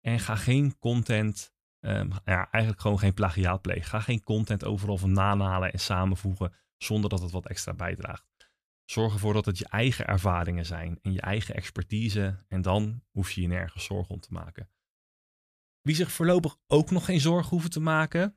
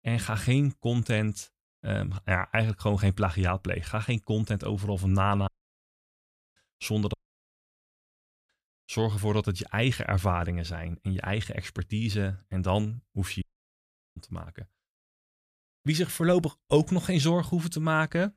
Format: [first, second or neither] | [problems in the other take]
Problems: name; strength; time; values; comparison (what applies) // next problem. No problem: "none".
first | audio cutting out; at 5.5 s for 1 s, at 7 s for 1.5 s and at 13 s for 0.5 s